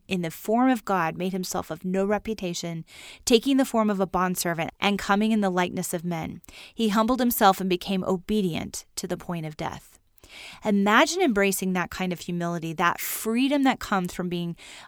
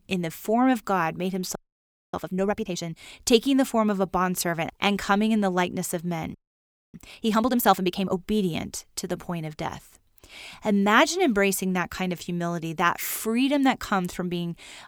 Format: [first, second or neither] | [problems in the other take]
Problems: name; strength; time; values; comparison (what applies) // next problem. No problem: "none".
first | audio freezing; at 1.5 s for 0.5 s and at 6.5 s for 0.5 s